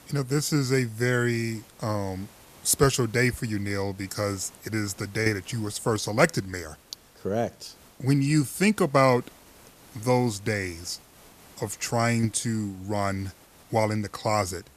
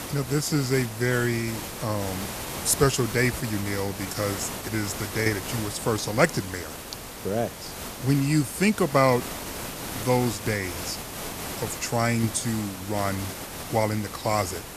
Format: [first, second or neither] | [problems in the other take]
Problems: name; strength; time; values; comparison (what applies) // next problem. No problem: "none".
first | hiss; loud; throughout; 8 dB below the speech; faint in the first